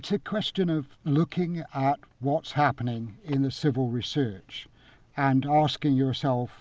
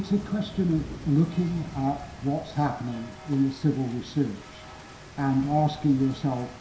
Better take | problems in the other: first | background sound (Rain); 15 dB below the speech // room echo; dies away in 0.7 s

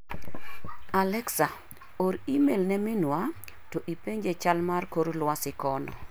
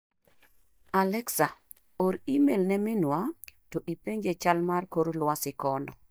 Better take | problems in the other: first | noise reduction (neural mask model DeepFilterNet 3)

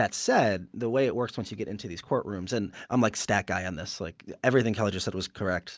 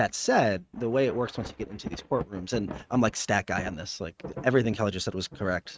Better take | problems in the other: first | noise reduction (neural mask model RNNoise)

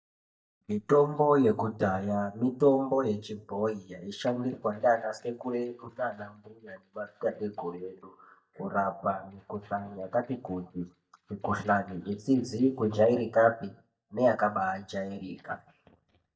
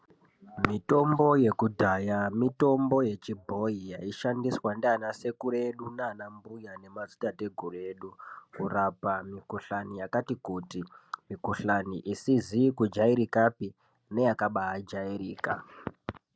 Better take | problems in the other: second | noise reduction (neural mask model DeepFilterNet 3)

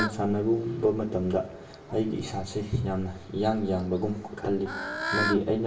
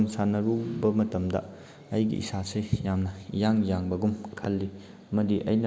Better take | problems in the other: second | background sound (Bird / Fowl); 9 dB below the speech // room echo; dies away in 0.3 s

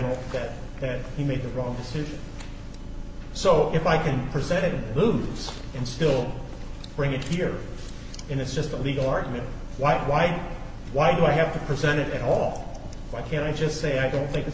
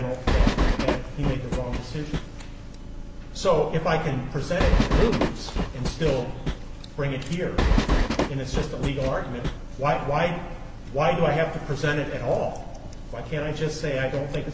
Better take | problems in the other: first | background sound (Train); 3 dB above the speech

